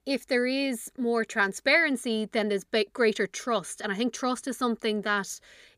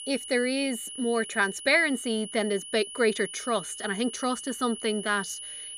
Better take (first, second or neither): first